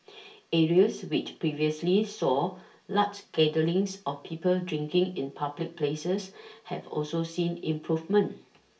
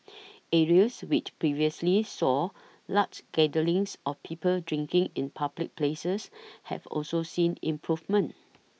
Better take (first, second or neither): second